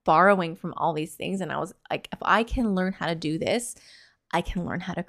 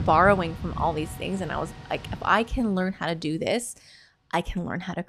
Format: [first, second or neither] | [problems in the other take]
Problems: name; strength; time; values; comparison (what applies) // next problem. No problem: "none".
first | rain or running water; noticeable; throughout; 10 dB below the speech